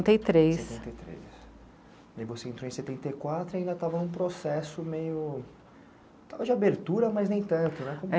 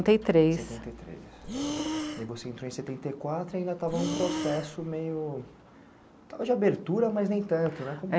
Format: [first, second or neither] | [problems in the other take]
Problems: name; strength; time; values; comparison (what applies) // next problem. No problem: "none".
first | background sound (Breathing); 6 dB below the speech